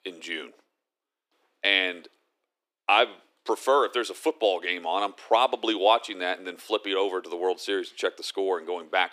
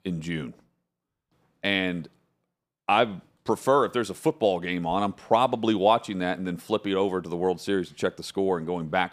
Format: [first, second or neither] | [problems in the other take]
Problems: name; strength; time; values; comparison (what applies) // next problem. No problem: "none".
second | thin; somewhat; fading below 300 Hz